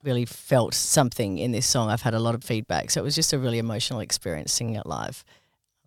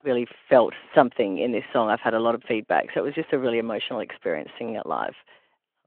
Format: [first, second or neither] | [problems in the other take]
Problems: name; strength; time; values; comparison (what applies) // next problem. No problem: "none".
first | phone-call audio